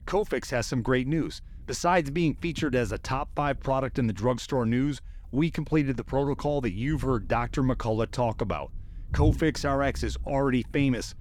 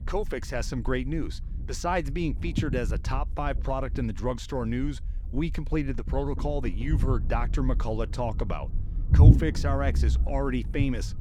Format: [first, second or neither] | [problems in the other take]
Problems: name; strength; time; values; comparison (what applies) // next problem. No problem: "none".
first | low rumble; loud; throughout; 8 dB below the speech; faint in the first